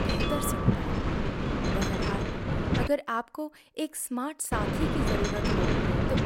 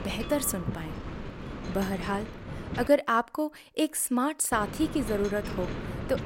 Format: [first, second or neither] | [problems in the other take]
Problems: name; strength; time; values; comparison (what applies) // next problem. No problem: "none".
second | wind noise on the microphone; heavy; until 3 s and from 4.5 s on; 3 dB above the speech; occasional gusts in the second